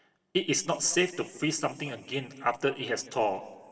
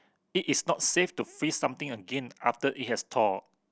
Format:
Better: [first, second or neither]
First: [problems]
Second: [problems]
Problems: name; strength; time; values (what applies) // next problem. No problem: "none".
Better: second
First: room echo; dies away in 1.8 s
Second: none